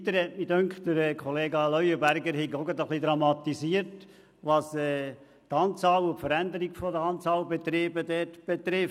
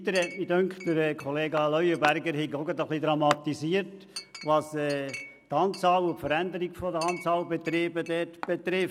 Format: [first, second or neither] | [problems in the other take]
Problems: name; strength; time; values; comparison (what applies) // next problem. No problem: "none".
first | background sound (Chink, clink); 15 dB below the speech